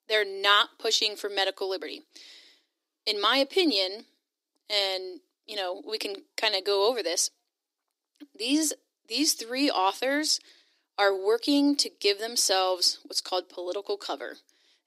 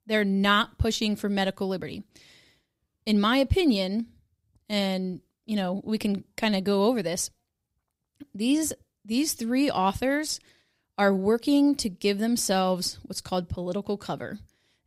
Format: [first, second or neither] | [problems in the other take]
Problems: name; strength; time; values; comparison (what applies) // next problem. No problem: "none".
second | thin; very slightly; fading below 300 Hz